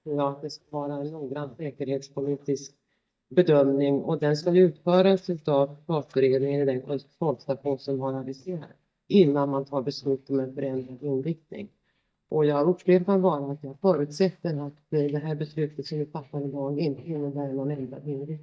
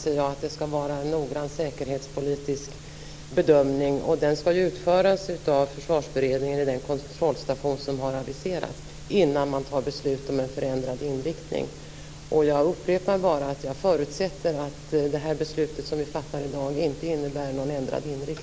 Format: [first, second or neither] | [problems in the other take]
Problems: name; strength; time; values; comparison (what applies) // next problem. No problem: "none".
second | noise reduction (neural mask model DeepFilterNet 3)